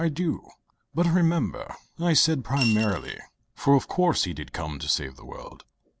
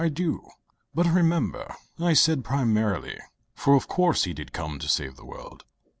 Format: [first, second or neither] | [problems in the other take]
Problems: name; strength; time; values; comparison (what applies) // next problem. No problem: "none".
second | background sound (Coin (dropping) / Glass); 8 dB below the speech